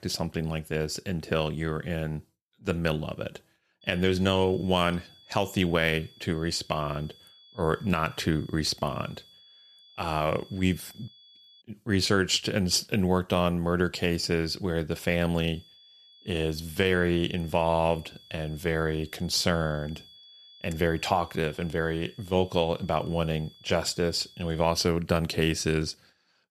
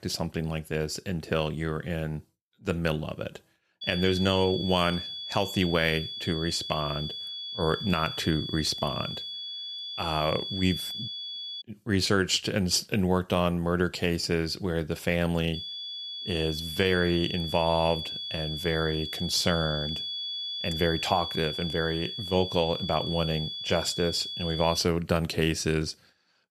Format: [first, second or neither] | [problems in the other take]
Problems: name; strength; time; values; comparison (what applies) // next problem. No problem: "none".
first | high-pitched whine; loud; from 4 to 12 s and from 16 to 25 s; 3.5 kHz, 5 dB below the speech; faint in the first